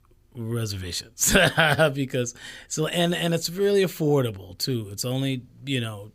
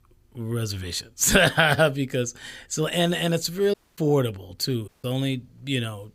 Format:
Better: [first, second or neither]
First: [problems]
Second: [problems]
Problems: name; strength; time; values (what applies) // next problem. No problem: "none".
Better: first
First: none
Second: audio cutting out; at 3.5 s and at 5 s